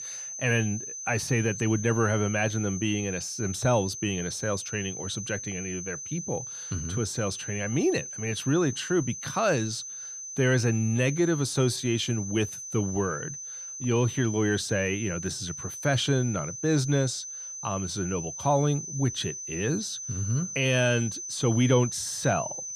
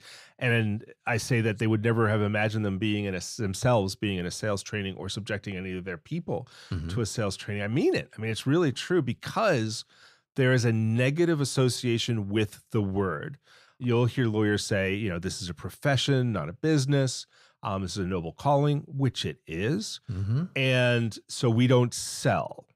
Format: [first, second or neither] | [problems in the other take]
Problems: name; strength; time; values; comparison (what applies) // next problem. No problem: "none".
second | high-pitched whine; loud; throughout; 6 kHz, 7 dB below the speech